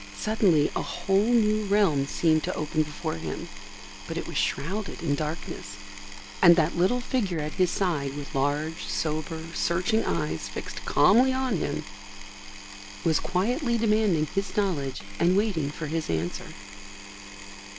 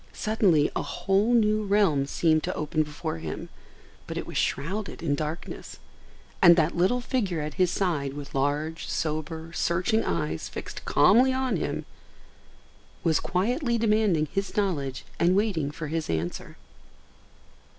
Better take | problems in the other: second | background sound (Power tool); 16 dB below the speech

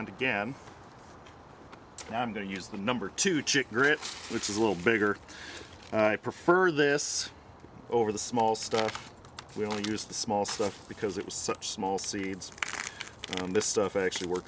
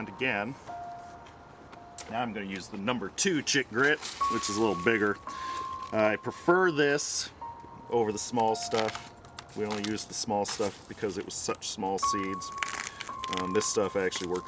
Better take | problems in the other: first | background sound (Piano); 10 dB below the speech

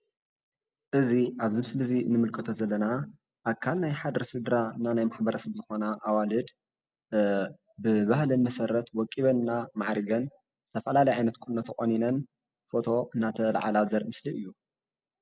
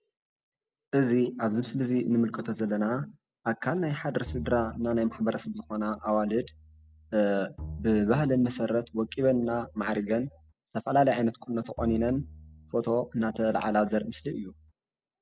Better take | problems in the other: first | background sound (Bowed string instrument); 17 dB below the speech

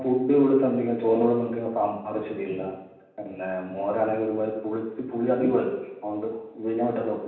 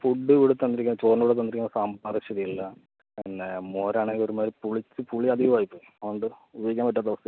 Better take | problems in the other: second | room echo; dies away in 0.9 s

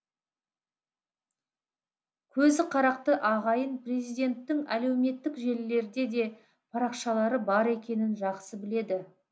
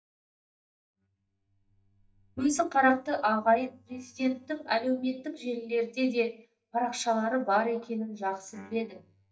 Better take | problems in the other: first | noise reduction (neural mask model DeepFilterNet 3)

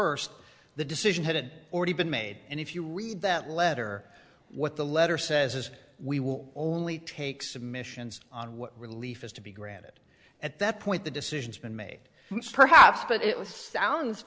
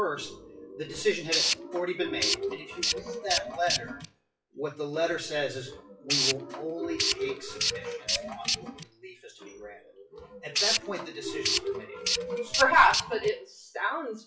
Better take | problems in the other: first | noise reduction (classical method WPE with log-MMSE)

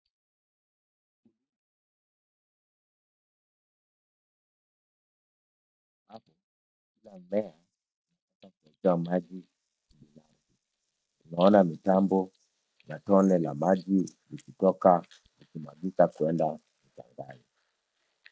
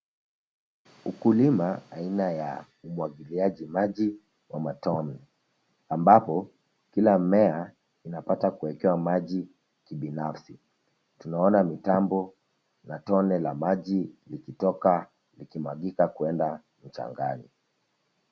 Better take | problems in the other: second | noise reduction (neural mask model DeepFilterNet 3)

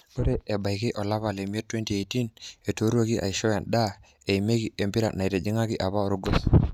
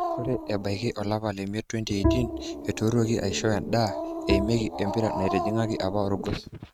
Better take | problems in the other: first | noise reduction (neural mask model RNNoise)

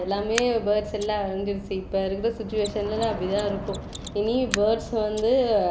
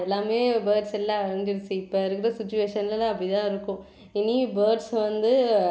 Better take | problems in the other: second | background sound (Subway, metro, underground / Train + Mechanisms); 11 dB below the speech

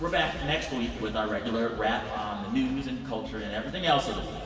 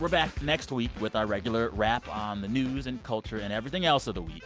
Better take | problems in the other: second | room echo; dies away in 2.3 s

